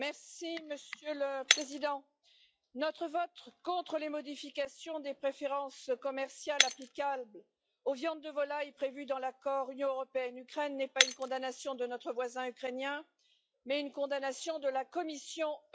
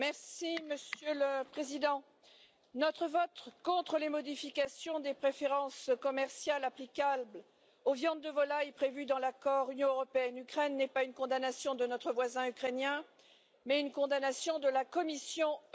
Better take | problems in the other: second | noise reduction (classical method log-MMSE)

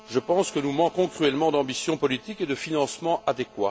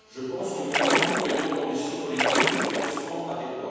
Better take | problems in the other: first | background sound (Splash, splatter); 3 dB above the speech // room echo; dies away in 2.1 s

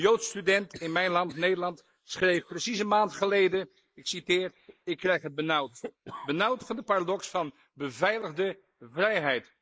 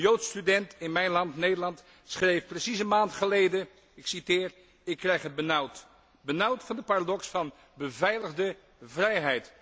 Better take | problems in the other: second | noise reduction (neural mask model Resemble Enhance denoiser)

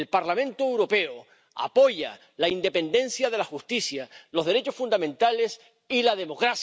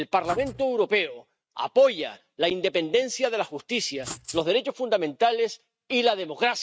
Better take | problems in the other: first | noise reduction (neural mask model RNNoise)

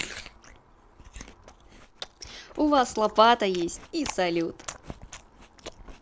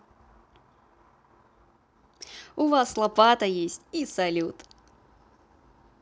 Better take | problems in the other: second | background sound (Chewing, mastication); 15 dB below the speech

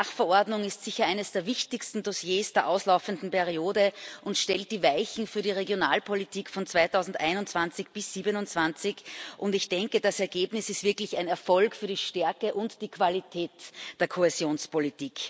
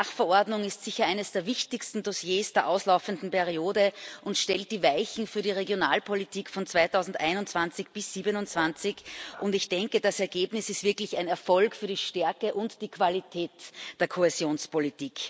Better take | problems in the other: first | background sound (Bark); 19 dB below the speech

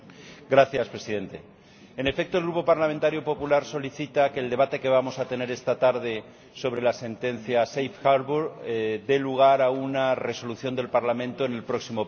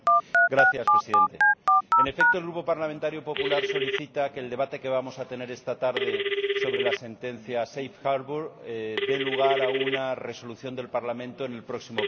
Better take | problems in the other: first | background sound (Telephone); 4 dB above the speech

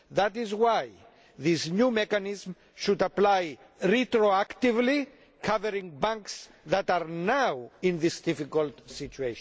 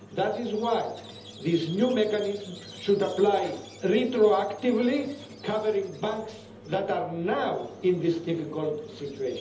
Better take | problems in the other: first | background sound (Squeak); 18 dB below the speech // room echo; dies away in 1.2 s

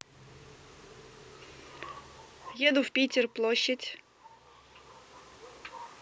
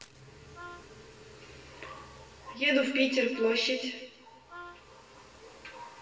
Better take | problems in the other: first | background sound (Wind instrument, woodwind instrument); 17 dB below the speech // room echo; dies away in 1 s

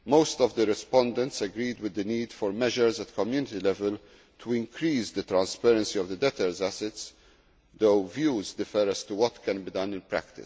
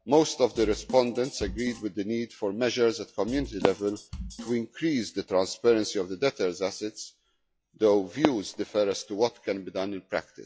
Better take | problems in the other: first | noise reduction (classical method log-MMSE)

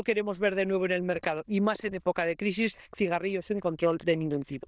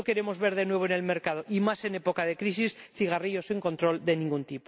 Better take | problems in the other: second | noise reduction (neural diffusion model UNIVERSE++)

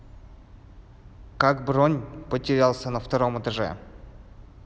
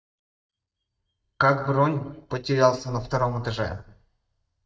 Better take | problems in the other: first | noise reduction (neural mask model DeepFilterNet 3)

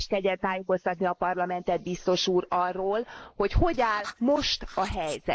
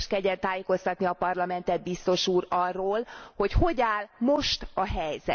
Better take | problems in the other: second | noise reduction (neural mask model Resemble Enhance denoiser)

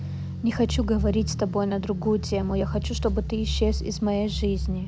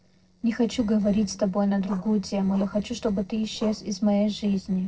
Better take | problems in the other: first | noise reduction (neural separator model SepFormer DNS4)

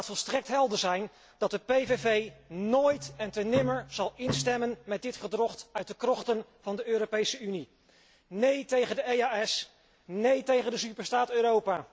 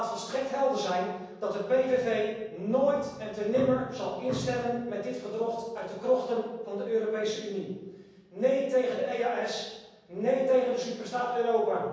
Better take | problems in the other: first | room echo; dies away in 1.1 s

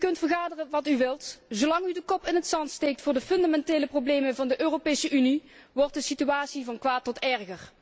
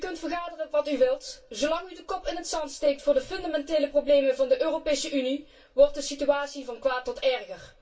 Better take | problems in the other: first | room echo; dies away in 0.2 s

